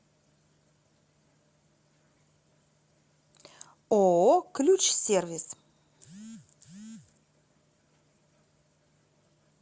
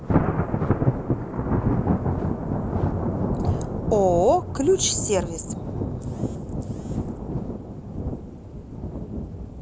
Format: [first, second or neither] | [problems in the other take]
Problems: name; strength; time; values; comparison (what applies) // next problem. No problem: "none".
first | background sound (Thunder); 3 dB above the speech